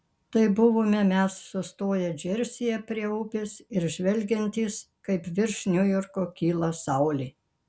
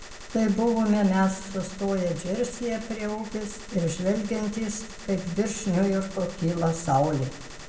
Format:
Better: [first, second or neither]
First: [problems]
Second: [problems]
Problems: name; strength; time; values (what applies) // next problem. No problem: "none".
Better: first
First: none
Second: background sound (Gunshot, gunfire); 14 dB below the speech // room echo; dies away in 1.1 s